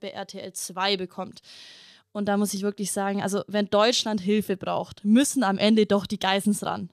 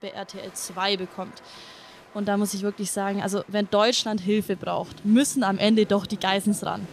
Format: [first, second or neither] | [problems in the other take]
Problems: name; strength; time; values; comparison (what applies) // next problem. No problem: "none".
first | crowd noise; faint; throughout; 25 dB below the speech